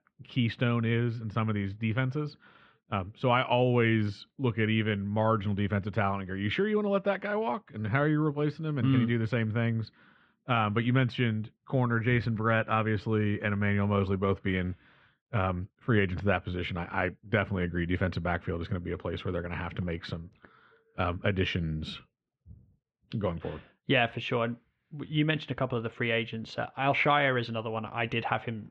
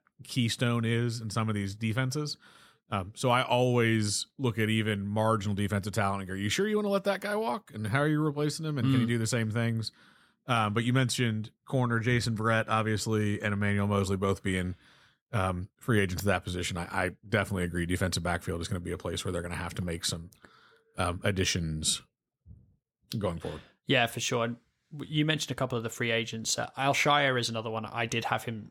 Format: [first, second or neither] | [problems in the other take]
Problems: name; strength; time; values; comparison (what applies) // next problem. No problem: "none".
second | muffled; very; fading above 3 kHz